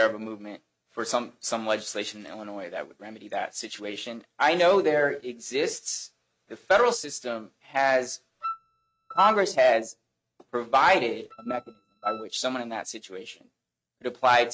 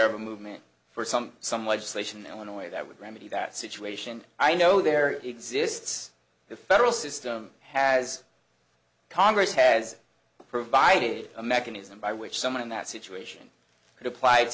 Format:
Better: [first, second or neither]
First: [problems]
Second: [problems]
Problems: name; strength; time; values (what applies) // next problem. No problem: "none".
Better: second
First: noise reduction (neural mask model RNNoise)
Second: none